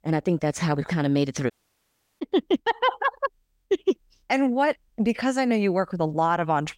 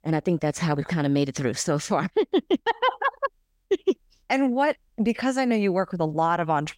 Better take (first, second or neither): second